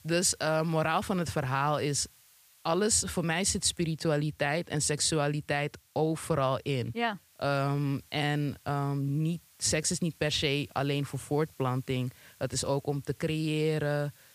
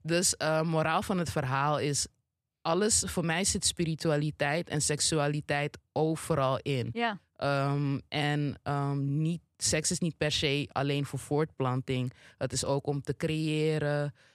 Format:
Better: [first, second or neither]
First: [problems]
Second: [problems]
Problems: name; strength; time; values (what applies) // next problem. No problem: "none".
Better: second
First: hiss; faint; throughout; 30 dB below the speech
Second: none